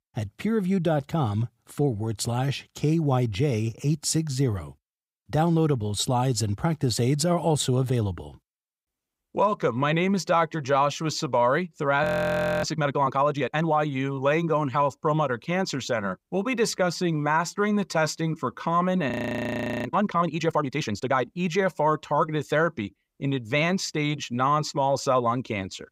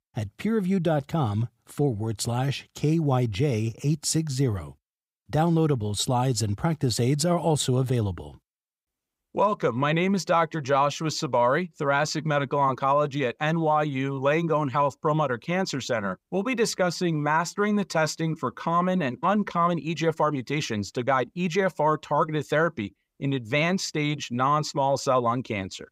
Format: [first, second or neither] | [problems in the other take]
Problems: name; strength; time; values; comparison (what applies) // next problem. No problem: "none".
second | audio freezing; at 12 s for 0.5 s and at 19 s for 1 s